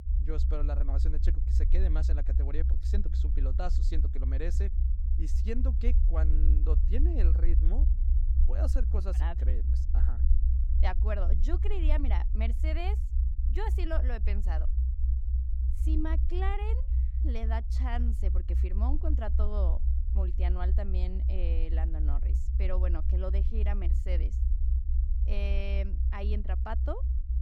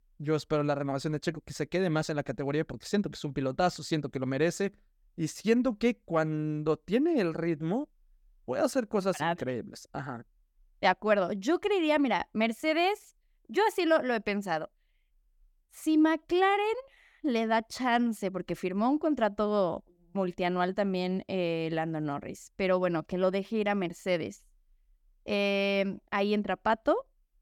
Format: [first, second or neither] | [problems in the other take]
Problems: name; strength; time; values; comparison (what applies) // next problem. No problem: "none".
second | low rumble; loud; throughout; 7 dB below the speech